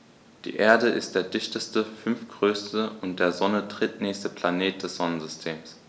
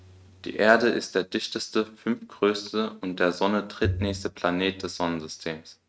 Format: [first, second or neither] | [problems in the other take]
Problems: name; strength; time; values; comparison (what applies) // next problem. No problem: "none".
first | noise reduction (neural mask model RNNoise)